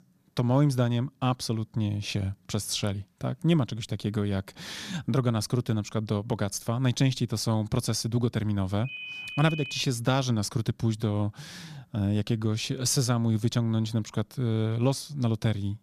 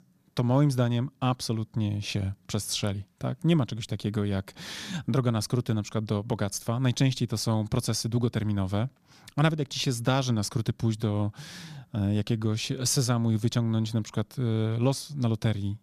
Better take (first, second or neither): second